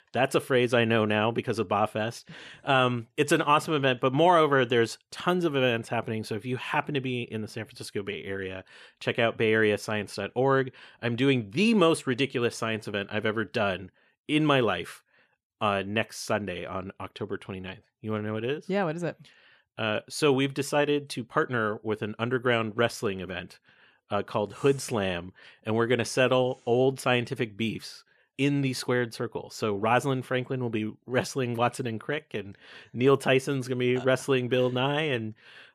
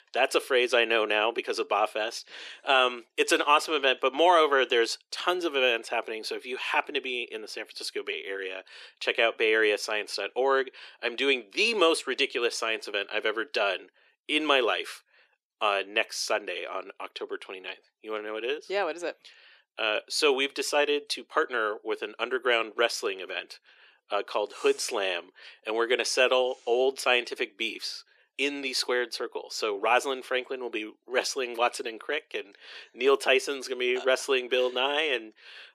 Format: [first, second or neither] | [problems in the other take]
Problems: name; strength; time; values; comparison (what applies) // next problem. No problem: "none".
first | thin; somewhat; fading below 350 Hz